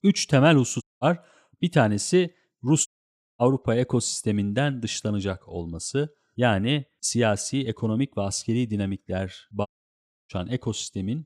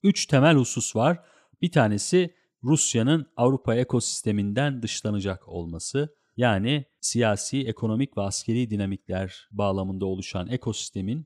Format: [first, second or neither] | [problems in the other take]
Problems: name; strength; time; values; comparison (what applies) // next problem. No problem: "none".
second | audio cutting out; at 1 s, at 3 s for 0.5 s and at 9.5 s for 0.5 s